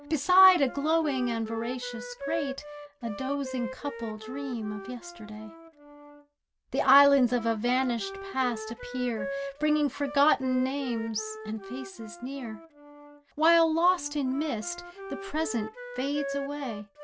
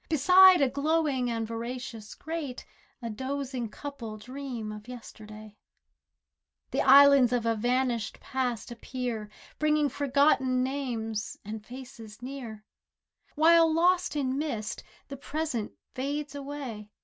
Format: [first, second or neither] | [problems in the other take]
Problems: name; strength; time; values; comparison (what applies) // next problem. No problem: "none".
second | background sound (Wind instrument, woodwind instrument); 12 dB below the speech